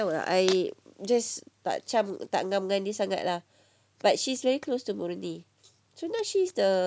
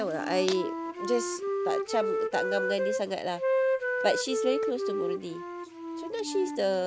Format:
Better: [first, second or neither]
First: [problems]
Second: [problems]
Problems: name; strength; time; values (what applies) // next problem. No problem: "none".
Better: first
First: none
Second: background sound (Wind instrument, woodwind instrument); as loud as the speech